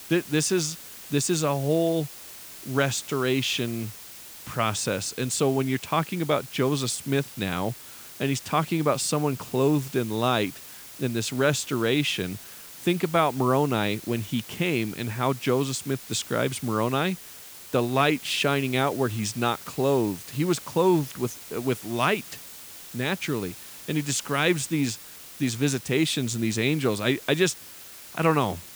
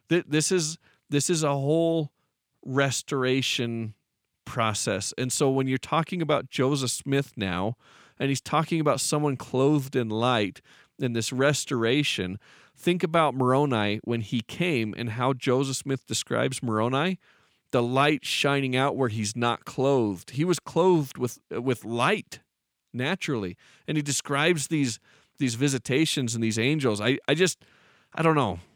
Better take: second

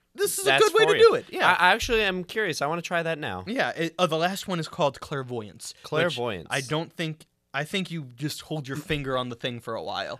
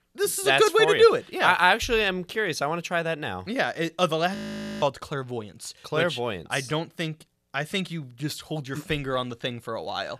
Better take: first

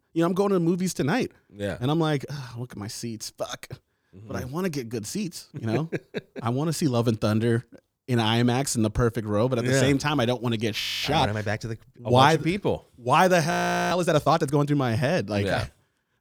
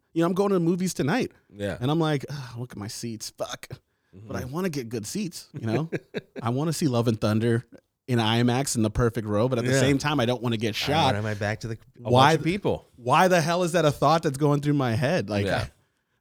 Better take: second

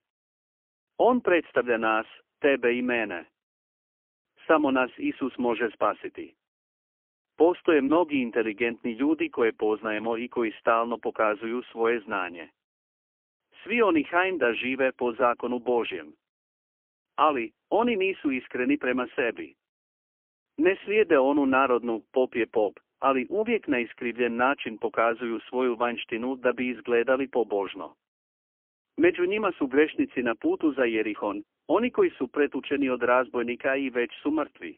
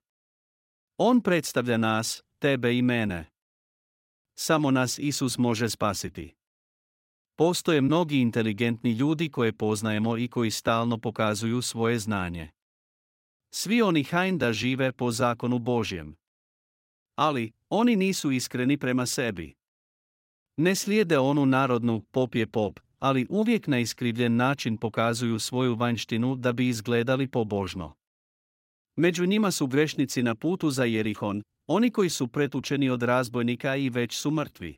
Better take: second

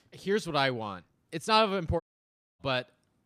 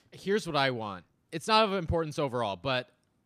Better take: second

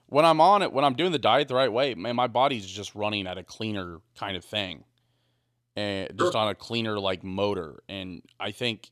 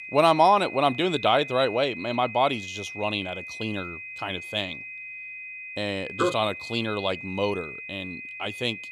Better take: first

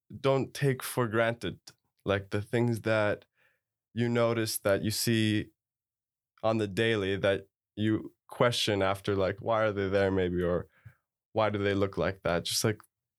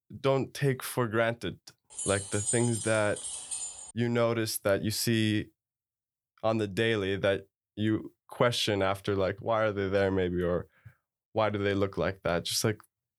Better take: first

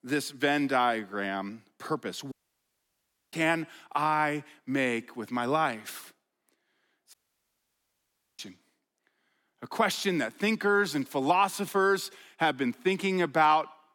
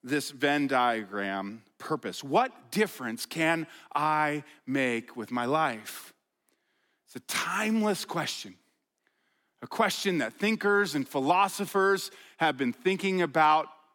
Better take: second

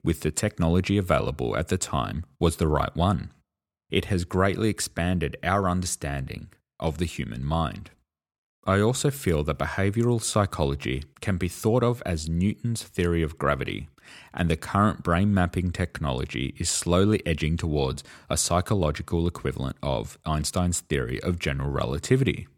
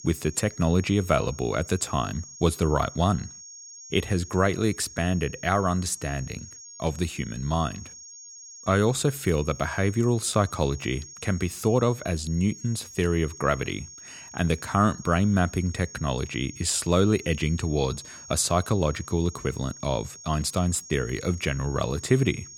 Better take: first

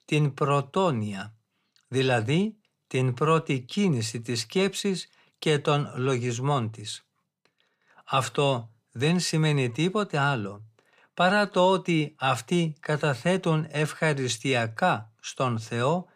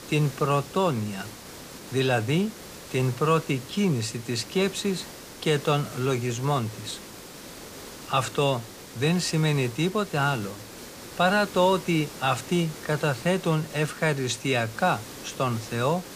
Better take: first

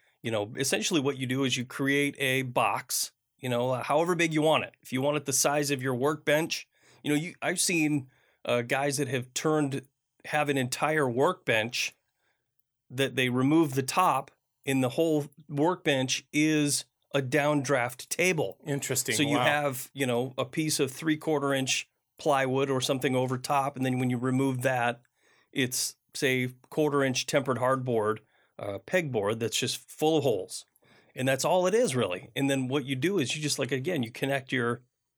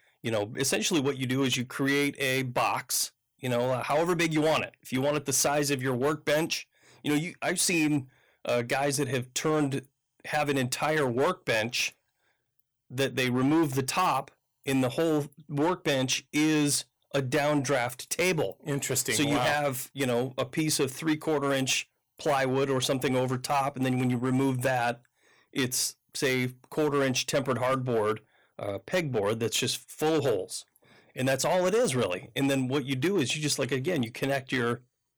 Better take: first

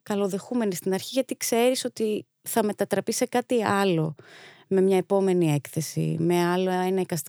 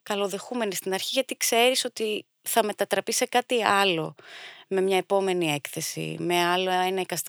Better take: first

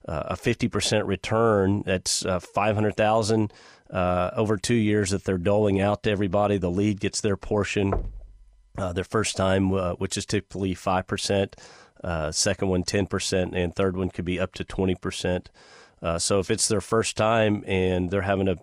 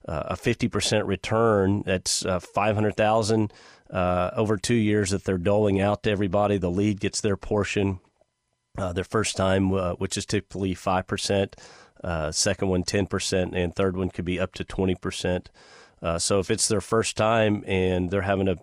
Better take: second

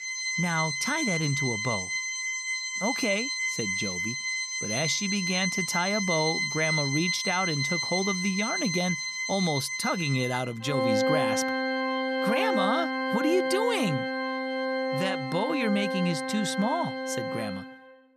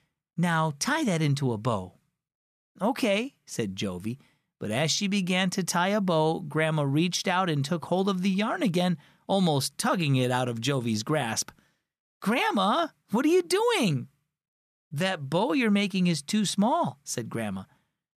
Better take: second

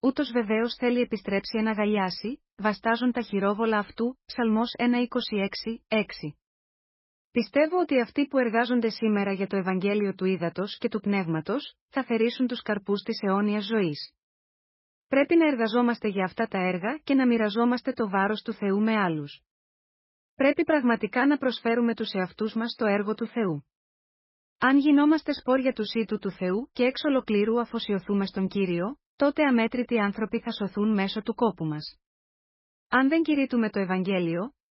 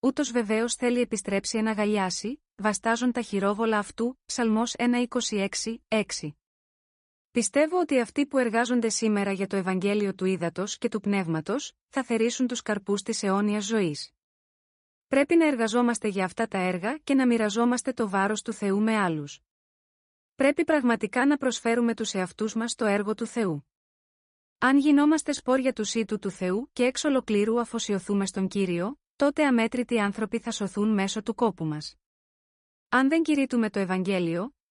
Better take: second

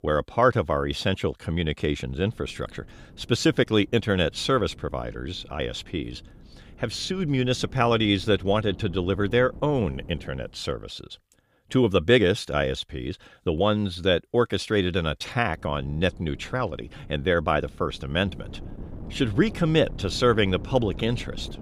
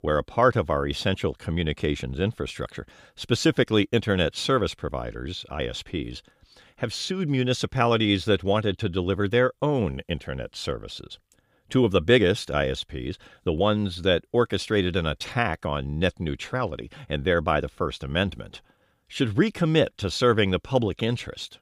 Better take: second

